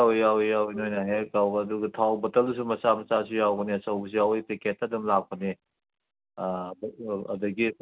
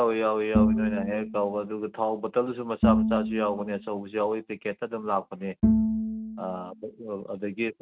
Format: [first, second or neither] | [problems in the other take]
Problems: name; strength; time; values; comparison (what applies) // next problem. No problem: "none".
first | noise reduction (neural mask model RNNoise)